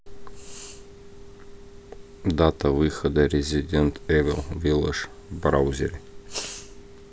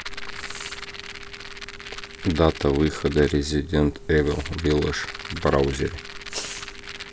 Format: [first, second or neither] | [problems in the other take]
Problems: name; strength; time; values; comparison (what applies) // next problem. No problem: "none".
first | background sound (Rattle); 13 dB below the speech